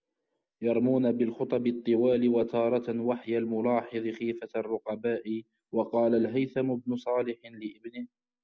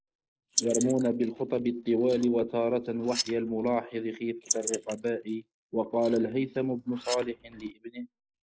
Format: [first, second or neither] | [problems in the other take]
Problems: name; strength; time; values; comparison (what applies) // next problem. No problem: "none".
first | noise reduction (neural mask model Resemble Enhance denoiser)